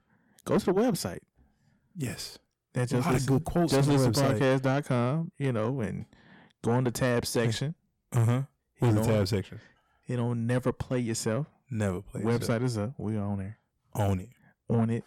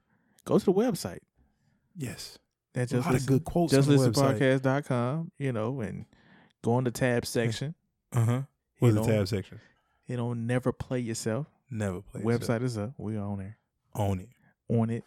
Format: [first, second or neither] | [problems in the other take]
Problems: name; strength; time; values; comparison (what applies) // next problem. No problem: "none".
second | distortion; slight; 10 dB below the speech